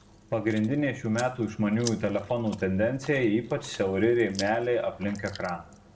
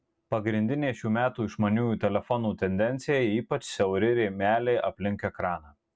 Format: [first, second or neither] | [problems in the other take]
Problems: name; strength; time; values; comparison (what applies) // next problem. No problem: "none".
second | background sound (Chewing, mastication); 19 dB below the speech // room echo; dies away in 0.5 s